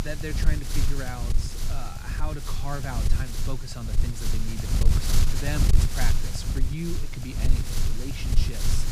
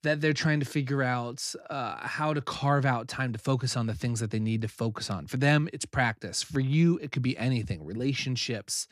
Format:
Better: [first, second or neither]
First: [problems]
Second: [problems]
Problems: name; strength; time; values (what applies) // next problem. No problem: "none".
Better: second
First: wind noise on the microphone; heavy; 1 dB above the speech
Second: none